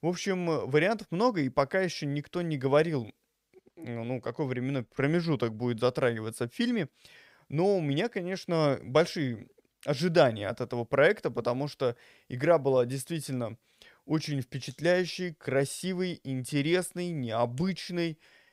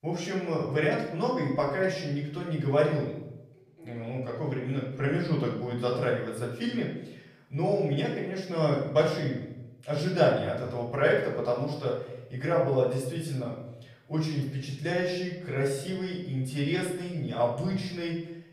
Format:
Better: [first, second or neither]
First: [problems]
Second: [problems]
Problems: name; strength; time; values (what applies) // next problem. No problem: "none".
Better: first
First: none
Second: off-mic speech; far // room echo; noticeable; dies away in 0.7 s